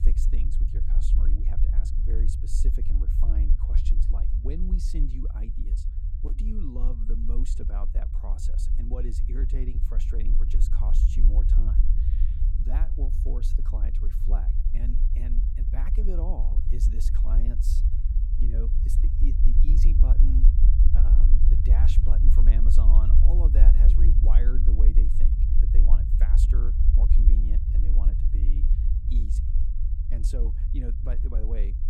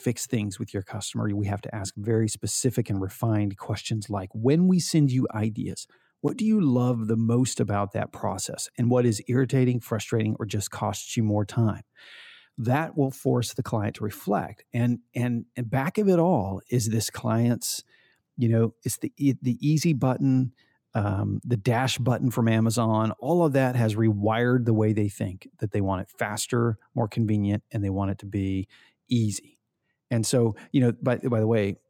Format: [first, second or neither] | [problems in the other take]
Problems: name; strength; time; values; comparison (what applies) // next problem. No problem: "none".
second | low rumble; loud; throughout; 1 dB below the speech